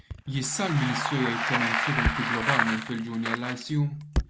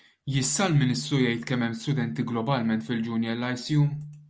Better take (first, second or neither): second